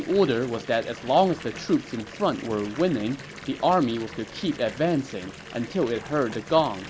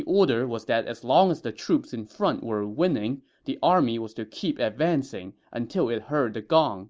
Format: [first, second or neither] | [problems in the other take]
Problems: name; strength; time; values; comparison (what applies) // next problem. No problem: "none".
second | background sound (Fill (with liquid) / Bathtub (filling or washing) / Water tap, faucet); 15 dB below the speech